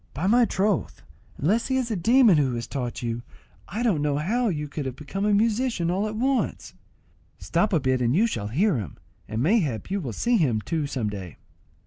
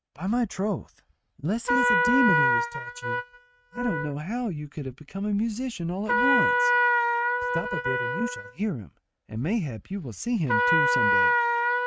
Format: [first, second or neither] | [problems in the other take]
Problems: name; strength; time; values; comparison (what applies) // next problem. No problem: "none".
first | noise reduction (neural mask model RNNoise)